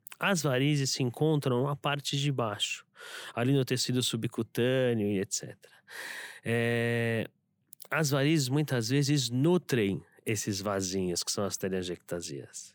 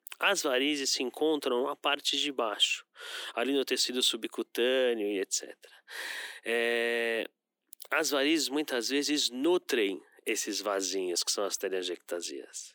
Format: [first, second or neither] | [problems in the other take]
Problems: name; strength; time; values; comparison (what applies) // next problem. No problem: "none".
first | thin; somewhat; fading below 300 Hz